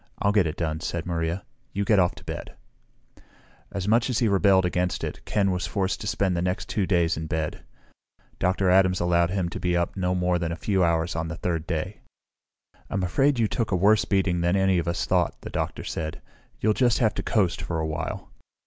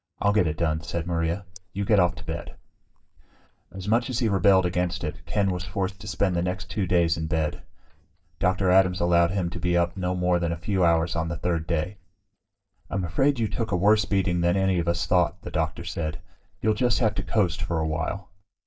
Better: first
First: none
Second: noise reduction (neural mask model DeepFilterNet 3)

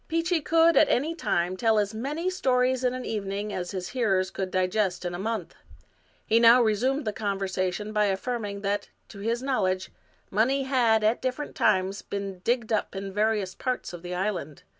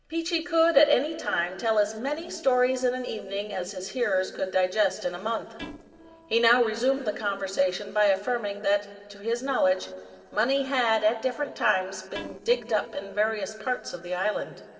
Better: first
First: none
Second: noise reduction (neural separator model SepFormer DNS4)

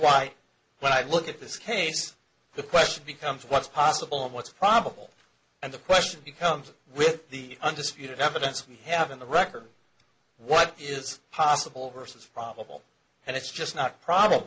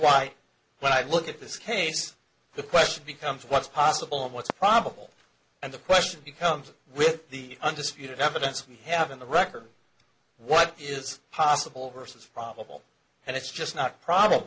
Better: first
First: none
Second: background sound (Fireworks); 17 dB below the speech

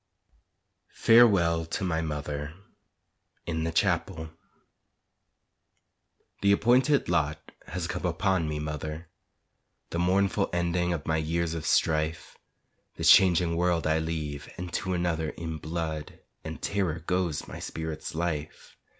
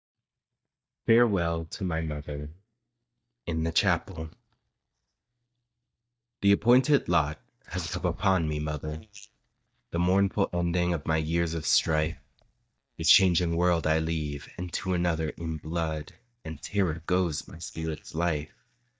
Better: first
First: none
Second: noise reduction (neural mask model DeepFilterNet 3)

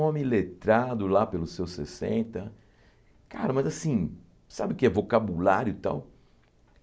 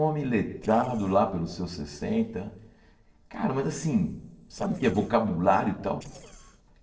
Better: first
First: none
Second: noise reduction (neural separator model SepFormer DNS4)

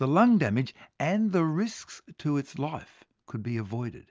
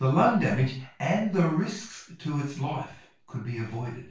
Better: first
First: none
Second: room echo; dies away in 0.3 s

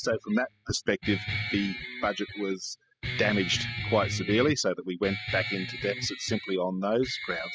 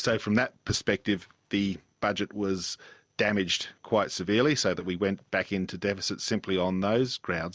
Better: second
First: noise reduction (classical method spectral subtraction)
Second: none

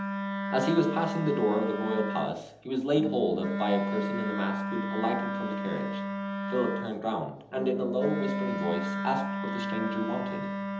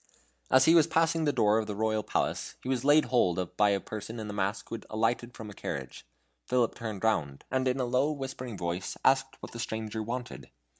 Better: second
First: background sound (Wind instrument, woodwind instrument); 2 dB below the speech // room echo; dies away in 1.2 s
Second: none

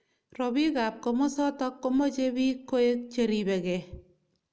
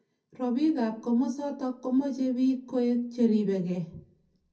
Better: first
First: none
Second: room echo; dies away in 0.3 s

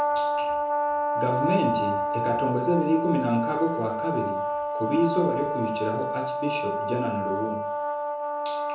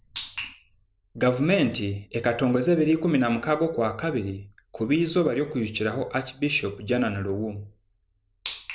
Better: second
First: background sound (Brass instrument); 1 dB above the speech // room echo; dies away in 0.6 s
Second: none

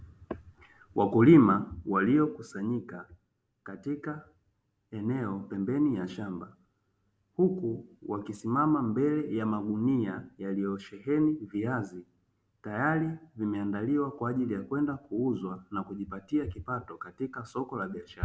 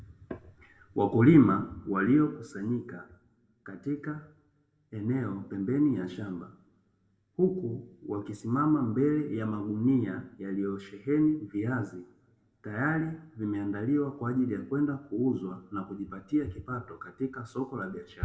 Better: first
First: none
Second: room echo; dies away in 0.6 s

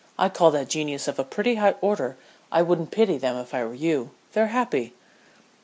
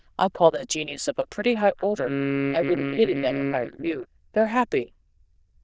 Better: first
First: none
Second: noise reduction (neural diffusion model UNIVERSE++)

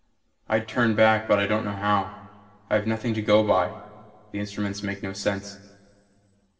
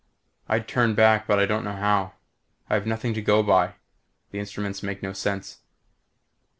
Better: second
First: room echo; dies away in 1.7 s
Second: none

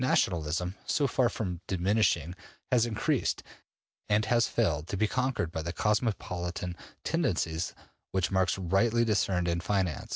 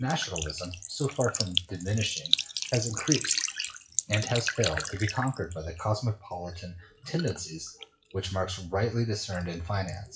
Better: first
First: none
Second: noise reduction (classical method WPE with log-MMSE)

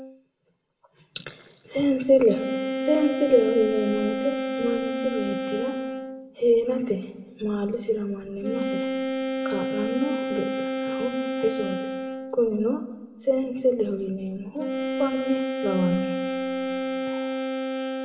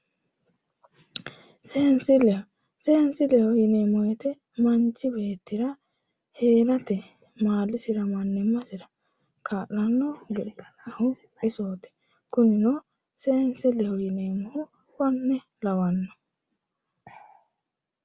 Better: second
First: background sound (Wind instrument, woodwind instrument); 3 dB below the speech // room echo; dies away in 1.2 s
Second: none

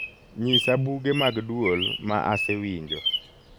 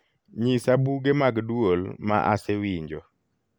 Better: second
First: background sound (Bird vocalization, bird call, bird song); 4 dB below the speech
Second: none

